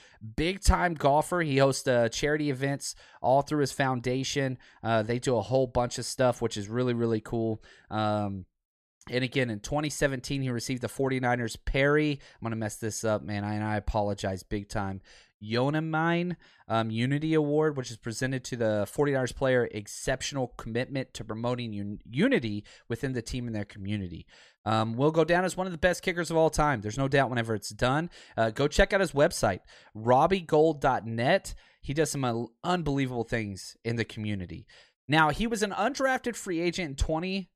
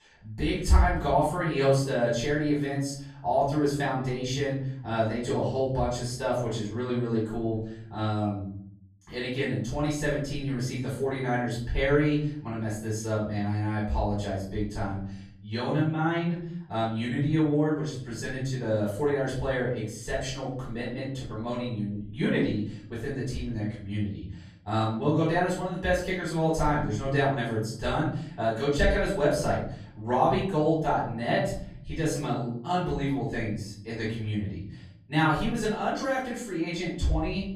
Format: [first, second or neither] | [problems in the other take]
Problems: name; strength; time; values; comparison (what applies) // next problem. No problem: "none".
first | off-mic speech; far // room echo; noticeable; dies away in 0.8 s